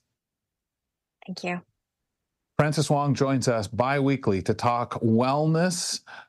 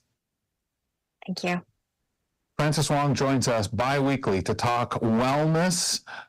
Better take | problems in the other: first | distortion; heavy; 14% of the sound clipped

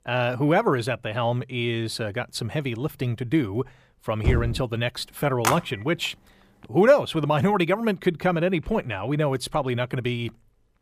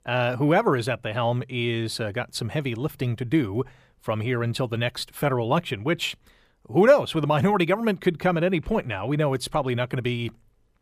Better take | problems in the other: second | door banging; noticeable; at 4 s; peak 1 dB below the speech // phone ringing; noticeable; at 5.5 s; peak 2 dB below the speech

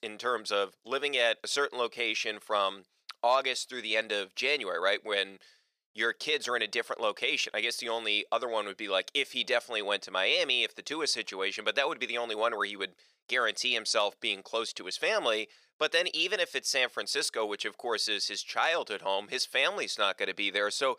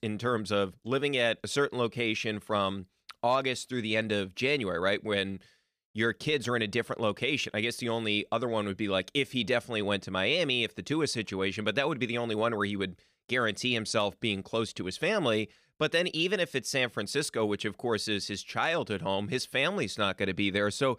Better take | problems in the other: second | thin; very; fading below 600 Hz

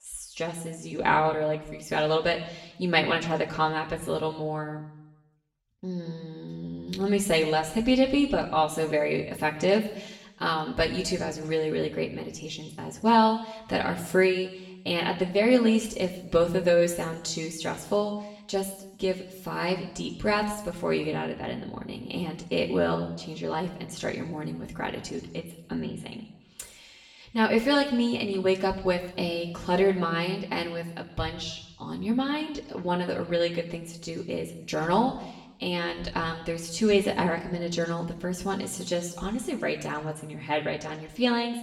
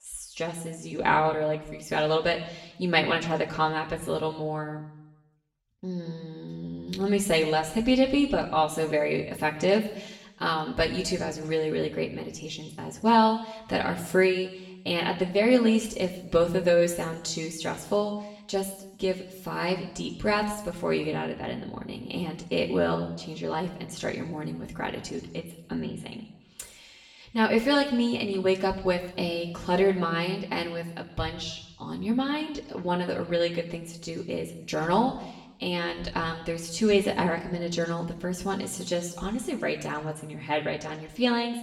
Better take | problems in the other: neither | room echo; slight; dies away in 0.9 s; the same in both // off-mic speech; far; the same in both

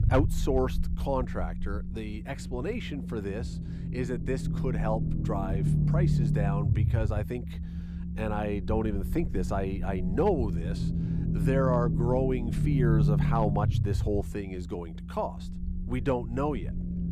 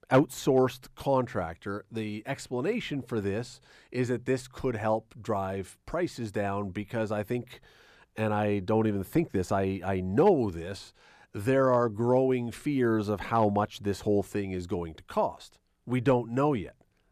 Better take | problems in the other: second | low rumble; loud; throughout; 8 dB below the speech

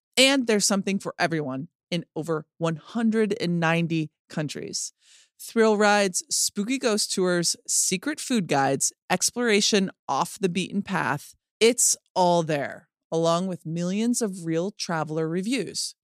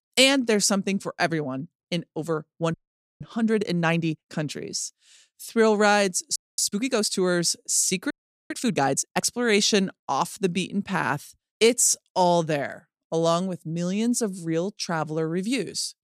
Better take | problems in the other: first | audio freezing; at 2.5 s, at 6.5 s and at 8 s

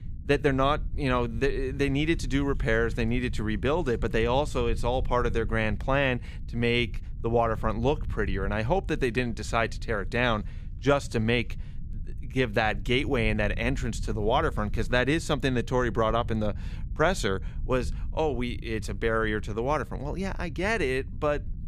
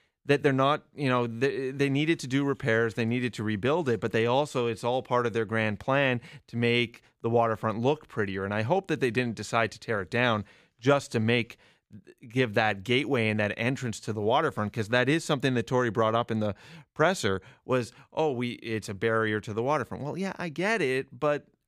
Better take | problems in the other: second | low rumble; faint; throughout; 25 dB below the speech

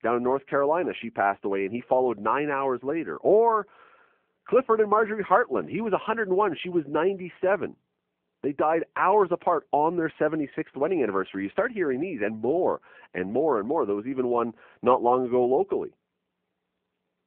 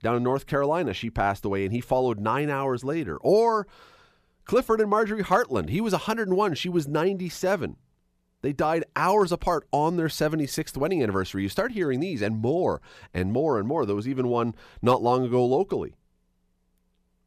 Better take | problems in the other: second | phone-call audio

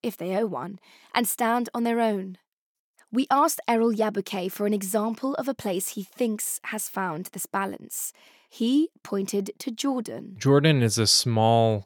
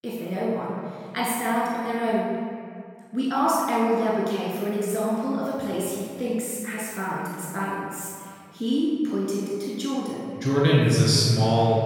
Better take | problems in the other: first | room echo; strong; dies away in 2.5 s // off-mic speech; far

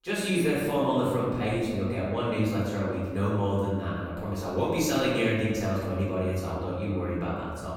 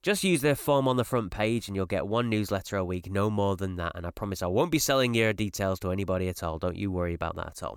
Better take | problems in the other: second | room echo; noticeable; dies away in 1.6 s // off-mic speech; far

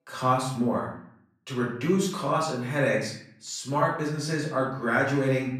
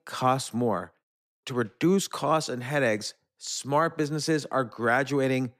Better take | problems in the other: second | off-mic speech; far // room echo; noticeable; dies away in 0.6 s

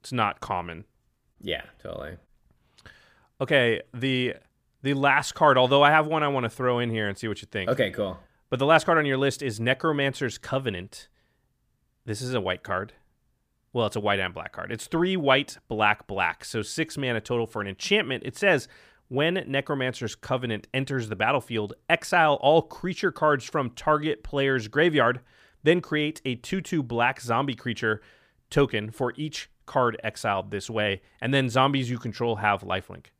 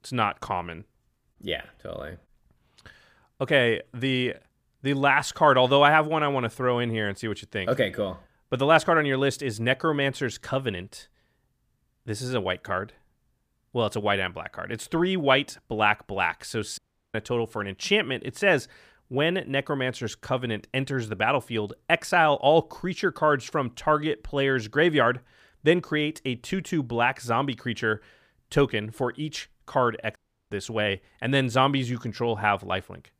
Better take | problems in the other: first | audio cutting out; at 17 s and at 30 s

